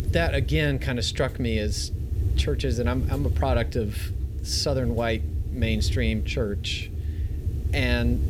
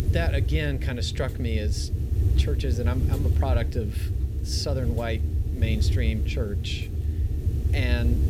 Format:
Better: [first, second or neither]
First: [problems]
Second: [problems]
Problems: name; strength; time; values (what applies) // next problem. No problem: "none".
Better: first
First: wind noise on the microphone; occasional gusts; 15 dB below the speech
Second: wind noise on the microphone; heavy; 8 dB below the speech